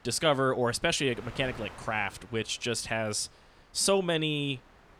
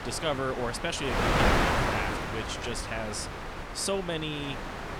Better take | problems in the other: first | wind noise on the microphone; heavy; 3 dB above the speech; occasional gusts in the first

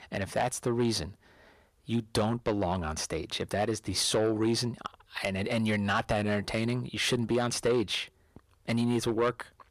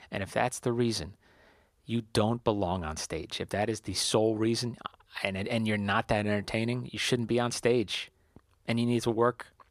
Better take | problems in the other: second | distortion; slight; 10 dB below the speech

